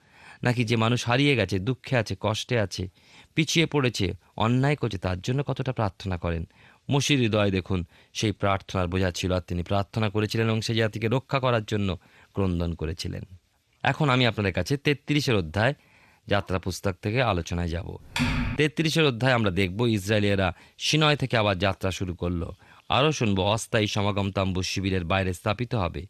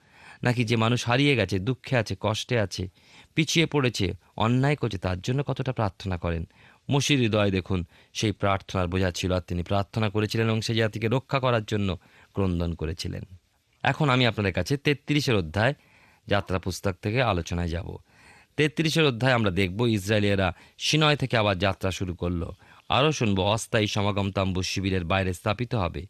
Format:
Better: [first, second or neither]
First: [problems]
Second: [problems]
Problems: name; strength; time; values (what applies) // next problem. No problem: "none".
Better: second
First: keyboard typing; noticeable; at 18 s; peak level with the speech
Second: none